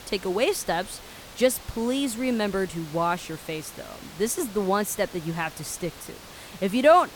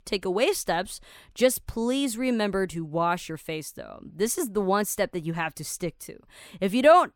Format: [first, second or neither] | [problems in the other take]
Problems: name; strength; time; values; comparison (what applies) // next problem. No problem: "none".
second | hiss; noticeable; throughout; 15 dB below the speech